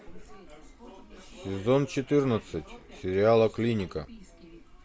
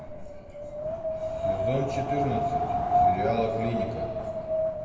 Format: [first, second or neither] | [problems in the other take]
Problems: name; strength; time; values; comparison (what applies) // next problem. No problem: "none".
first | background sound (Wind); 5 dB above the speech // room echo; dies away in 2.1 s